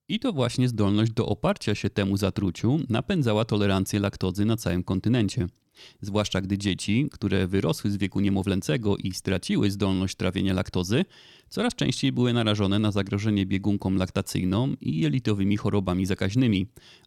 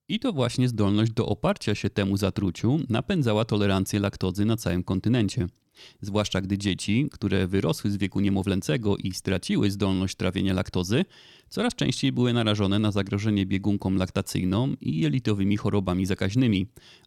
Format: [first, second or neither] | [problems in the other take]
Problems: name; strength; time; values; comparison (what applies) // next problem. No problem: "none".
neither | none